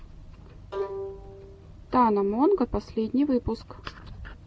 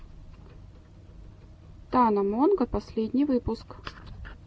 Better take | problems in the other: second | background sound (Bowed string instrument); 13 dB below the speech

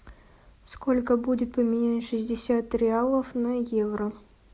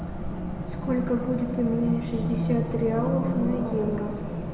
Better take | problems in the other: first | background sound (Race car, auto racing); 1 dB below the speech // room echo; dies away in 1.7 s

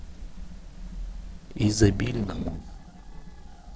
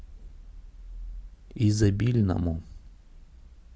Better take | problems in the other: second | noise reduction (neural separator model SepFormer DNS4)

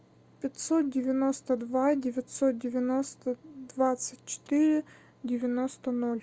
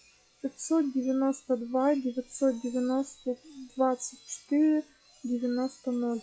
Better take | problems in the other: first | noise reduction (classical method log-MMSE)

